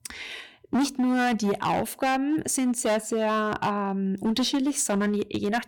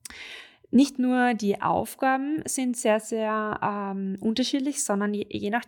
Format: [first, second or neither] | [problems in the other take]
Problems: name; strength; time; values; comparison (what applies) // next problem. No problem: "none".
second | distortion; heavy; 14% of the sound clipped